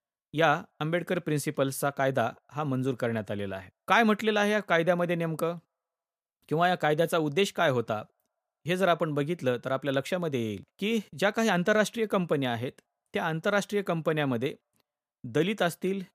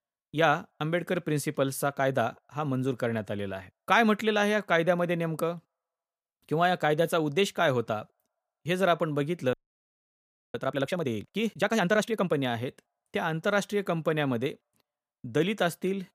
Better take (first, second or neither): first